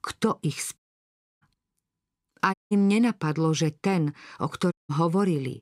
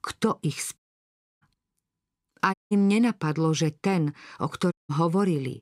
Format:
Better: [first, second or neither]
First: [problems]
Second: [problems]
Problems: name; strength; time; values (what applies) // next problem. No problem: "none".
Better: neither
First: audio cutting out; at 1 s for 0.5 s, at 2.5 s and at 4.5 s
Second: audio cutting out; at 1 s for 0.5 s, at 2.5 s and at 4.5 s